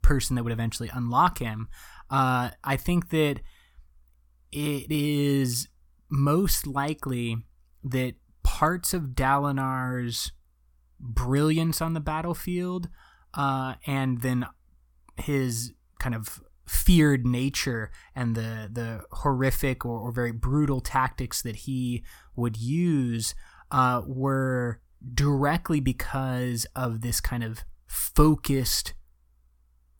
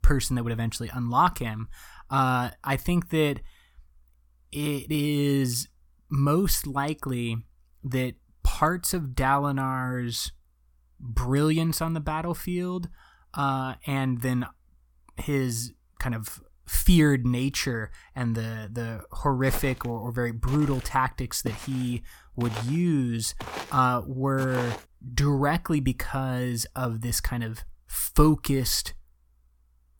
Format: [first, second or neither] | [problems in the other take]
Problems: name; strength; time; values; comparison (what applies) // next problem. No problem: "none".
first | footsteps; noticeable; from 19 to 25 s; peak 9 dB below the speech